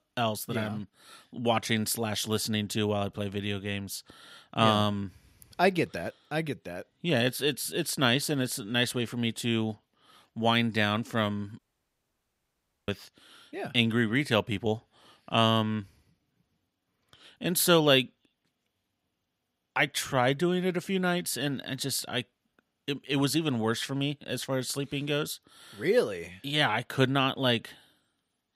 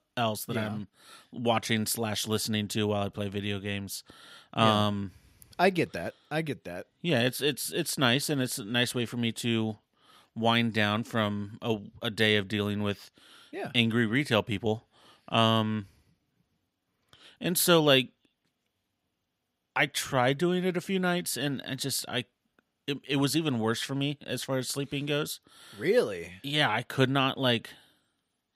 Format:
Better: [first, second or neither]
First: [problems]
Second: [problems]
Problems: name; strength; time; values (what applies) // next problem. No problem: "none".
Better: second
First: audio cutting out; at 12 s for 1.5 s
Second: none